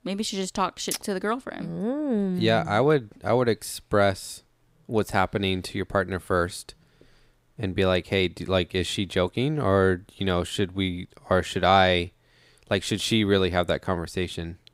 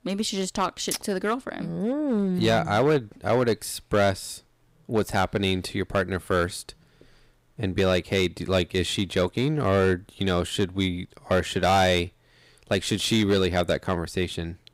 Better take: first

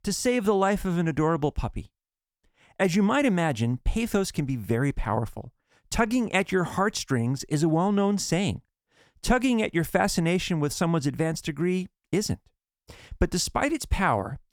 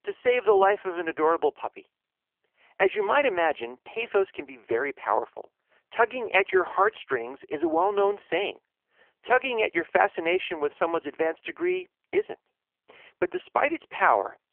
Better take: first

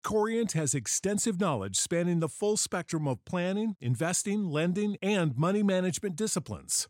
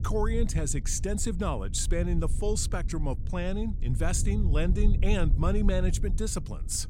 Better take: first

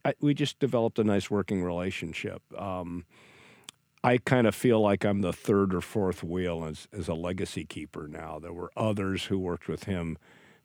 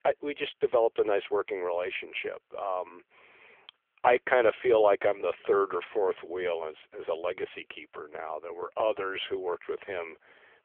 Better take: first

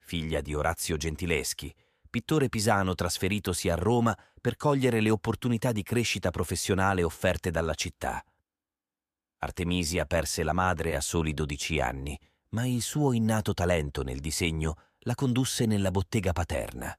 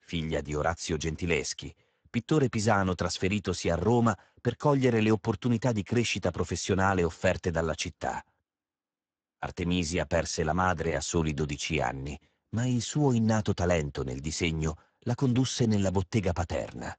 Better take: first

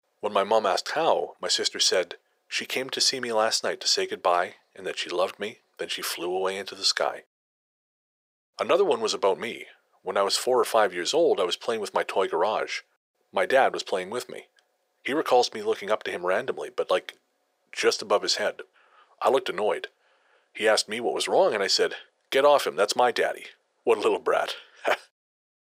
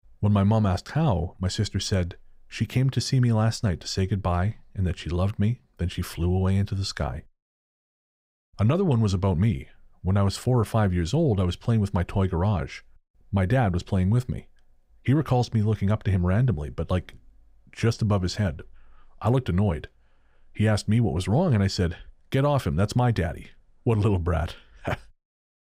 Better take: second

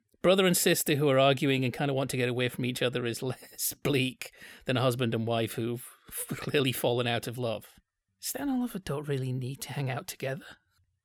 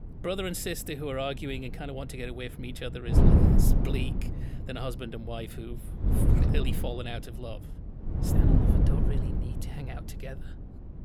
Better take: first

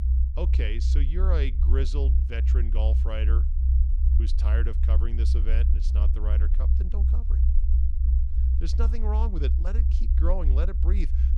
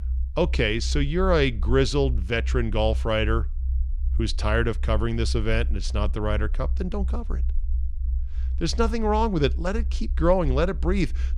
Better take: second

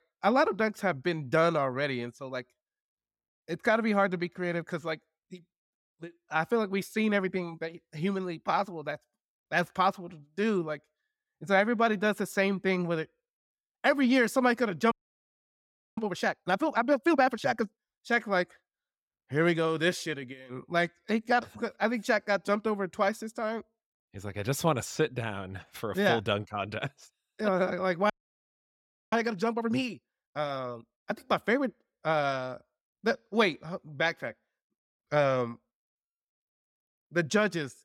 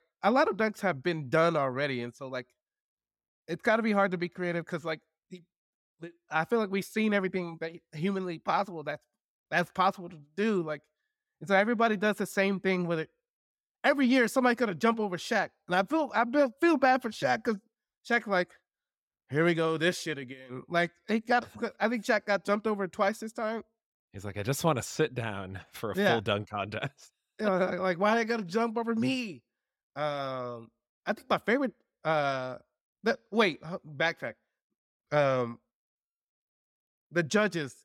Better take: second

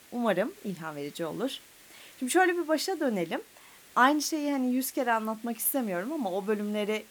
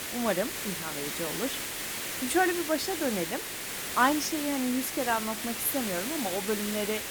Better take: first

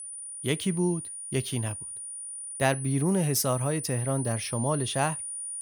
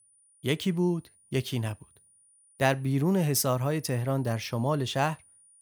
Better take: second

